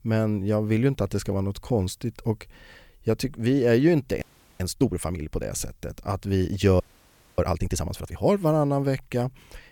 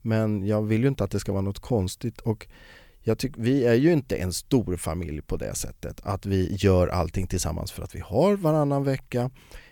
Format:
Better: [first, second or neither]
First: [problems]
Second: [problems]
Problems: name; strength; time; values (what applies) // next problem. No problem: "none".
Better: second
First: audio freezing; at 4 s and at 7 s for 0.5 s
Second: none